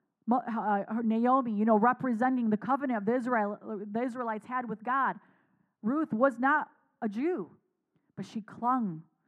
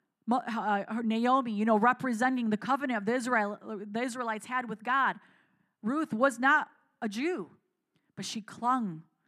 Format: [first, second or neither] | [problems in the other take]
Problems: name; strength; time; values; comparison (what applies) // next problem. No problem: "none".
second | muffled; very; fading above 2 kHz